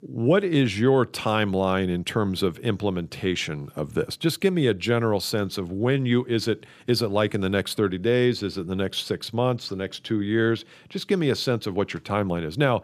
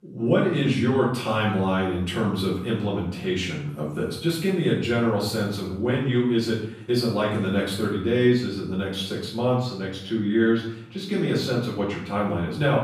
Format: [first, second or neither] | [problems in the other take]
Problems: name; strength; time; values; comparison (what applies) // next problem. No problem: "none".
first | room echo; noticeable; dies away in 0.6 s // off-mic speech; far